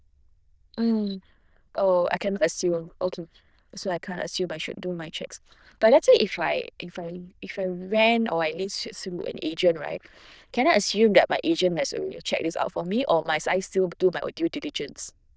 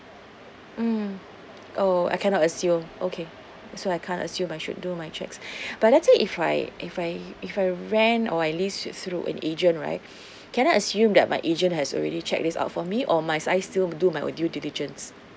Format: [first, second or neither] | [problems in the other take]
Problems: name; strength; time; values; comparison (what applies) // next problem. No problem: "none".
second | noise reduction (neural diffusion model UNIVERSE++)